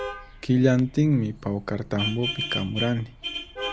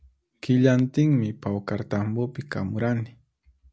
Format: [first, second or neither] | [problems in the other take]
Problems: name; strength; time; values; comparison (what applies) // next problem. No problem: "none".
second | background sound (Vehicle horn, car horn, honking); 9 dB below the speech